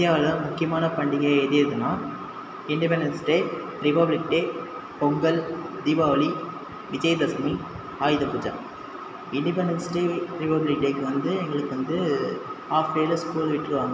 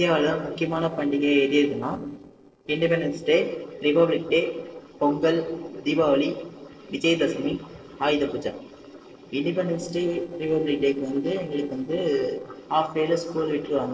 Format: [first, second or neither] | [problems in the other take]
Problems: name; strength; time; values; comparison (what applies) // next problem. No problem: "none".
first | noise reduction (neural separator model SepFormer DNS4)